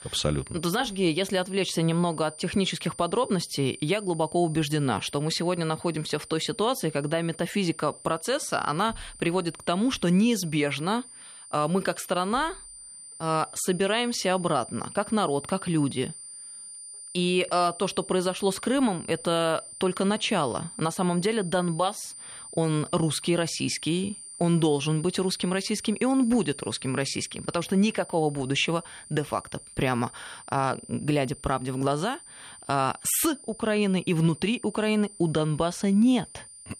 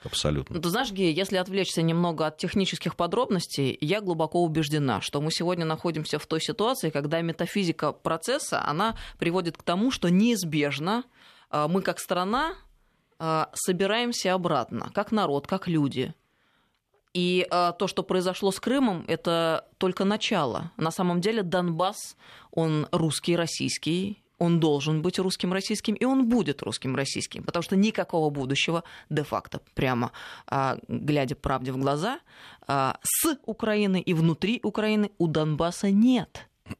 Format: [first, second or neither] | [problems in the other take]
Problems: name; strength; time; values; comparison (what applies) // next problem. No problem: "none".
second | high-pitched whine; noticeable; throughout; 9 kHz, 15 dB below the speech